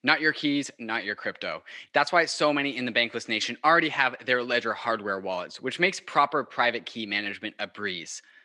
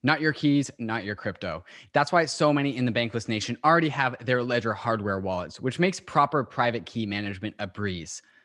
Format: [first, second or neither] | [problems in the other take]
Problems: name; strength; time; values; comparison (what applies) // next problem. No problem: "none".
second | thin; very slightly; fading below 300 Hz